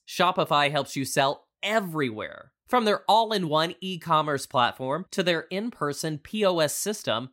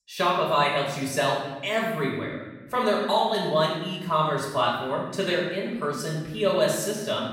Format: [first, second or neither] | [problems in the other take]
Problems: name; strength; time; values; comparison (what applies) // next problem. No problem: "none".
first | off-mic speech; far // room echo; noticeable; dies away in 1.1 s